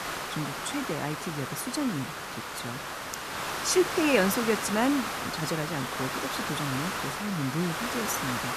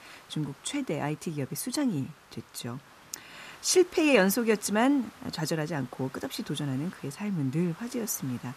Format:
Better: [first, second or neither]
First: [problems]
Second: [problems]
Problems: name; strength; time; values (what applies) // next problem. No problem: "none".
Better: second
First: hiss; loud; throughout; 2 dB below the speech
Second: hiss; faint; throughout; 25 dB below the speech